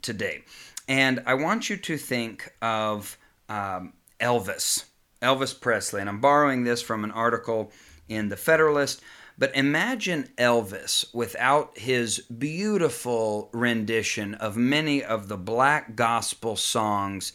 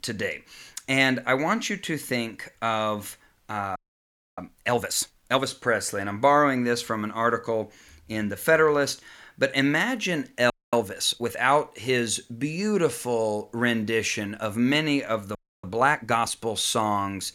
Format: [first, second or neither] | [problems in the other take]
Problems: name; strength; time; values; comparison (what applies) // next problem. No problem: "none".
first | audio freezing; at 4 s for 0.5 s, at 11 s and at 15 s